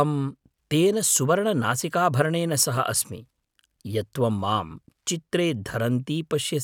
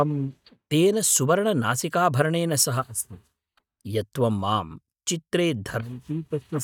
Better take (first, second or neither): first